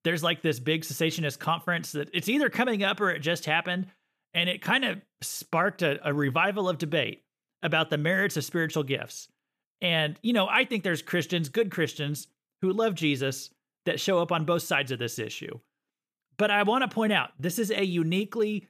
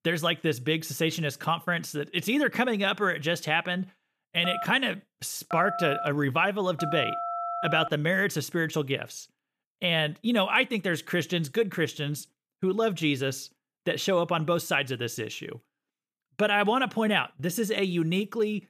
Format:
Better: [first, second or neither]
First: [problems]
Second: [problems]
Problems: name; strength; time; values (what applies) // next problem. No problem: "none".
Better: first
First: none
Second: phone ringing; noticeable; from 4.5 to 8 s; peak 4 dB below the speech